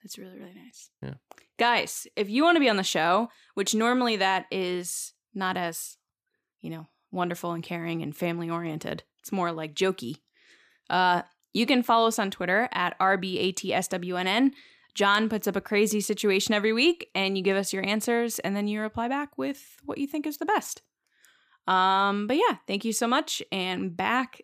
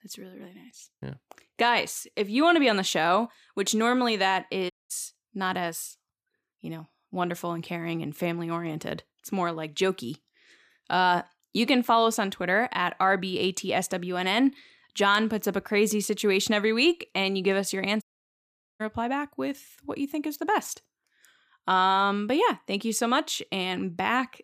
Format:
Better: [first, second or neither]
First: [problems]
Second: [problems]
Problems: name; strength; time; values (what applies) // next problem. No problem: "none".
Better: first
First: none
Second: audio cutting out; at 4.5 s and at 18 s for 1 s